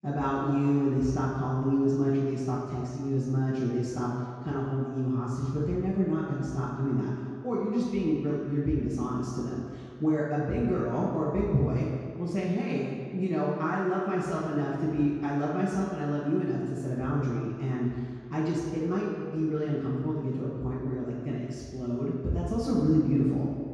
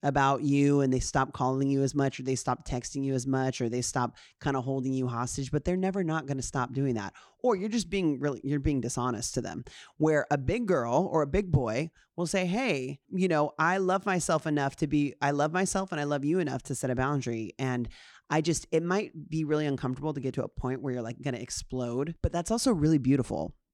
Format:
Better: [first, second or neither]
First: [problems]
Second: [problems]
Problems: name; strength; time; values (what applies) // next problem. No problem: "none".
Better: second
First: room echo; strong; dies away in 2 s // off-mic speech; far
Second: none